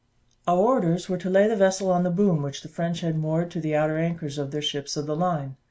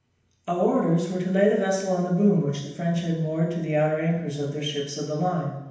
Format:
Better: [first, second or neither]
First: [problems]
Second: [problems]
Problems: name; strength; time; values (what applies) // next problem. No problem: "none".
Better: first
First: none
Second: room echo; dies away in 0.9 s